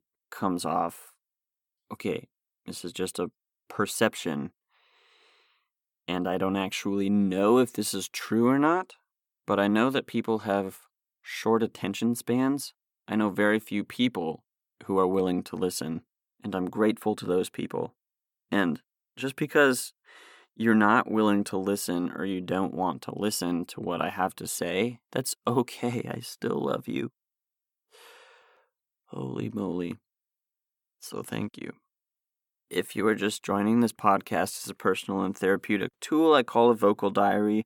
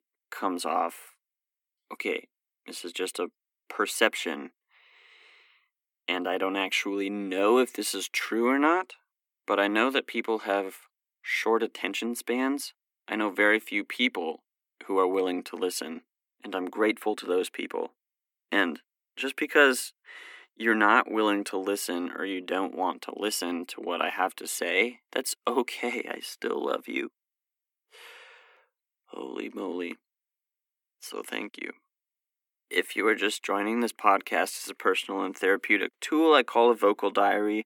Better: first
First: none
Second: thin; very slightly; fading below 250 Hz

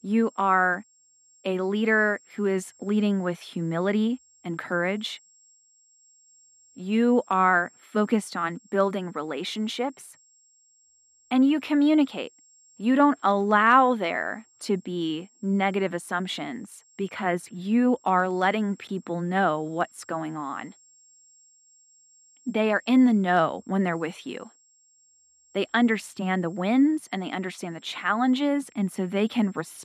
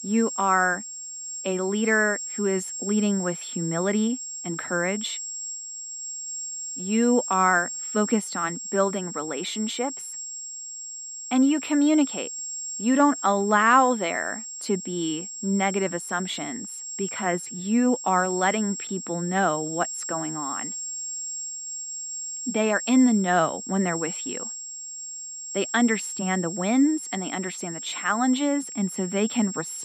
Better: first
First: high-pitched whine; faint; throughout; 7.5 kHz, 30 dB below the speech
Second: high-pitched whine; loud; throughout; 7.5 kHz, 7 dB below the speech

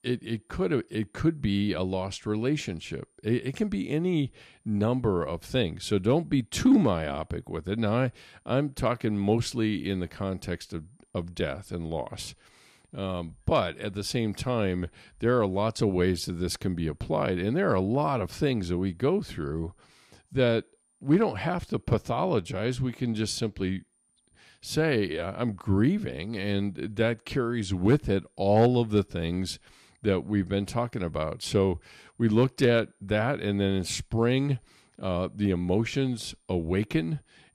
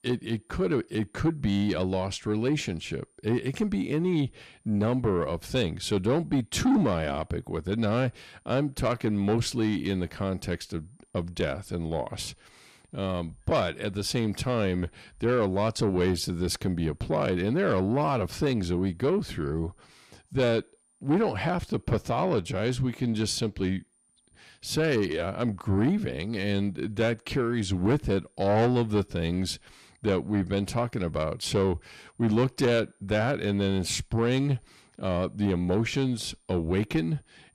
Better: first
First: none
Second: distortion; slight; 10 dB below the speech

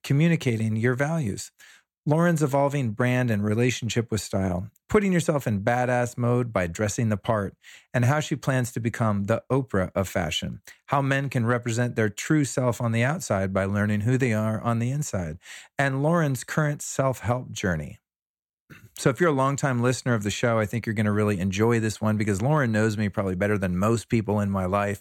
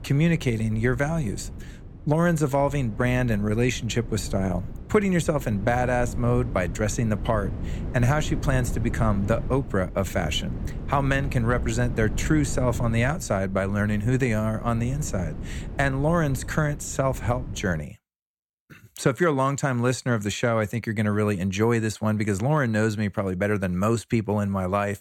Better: first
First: none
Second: wind noise on the microphone; occasional gusts; until 18 s; 15 dB below the speech

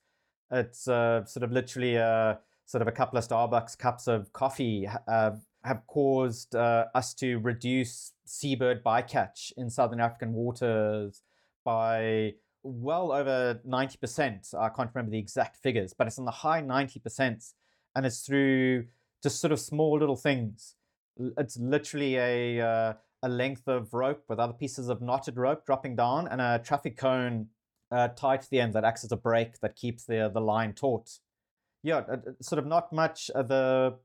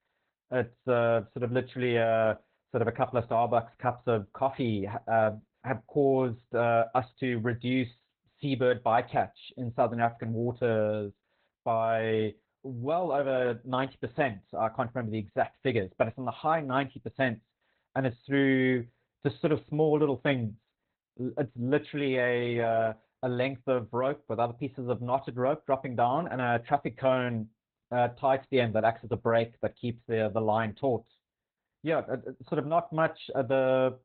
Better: first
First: none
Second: garbled, watery; badly; nothing above 4 kHz

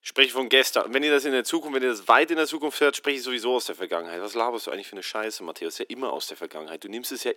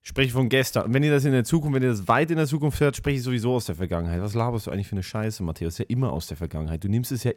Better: second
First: thin; very; fading below 300 Hz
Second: none

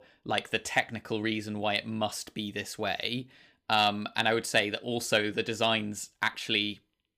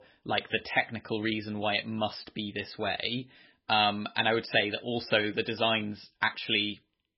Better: first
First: none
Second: garbled, watery; badly; nothing above 5.5 kHz

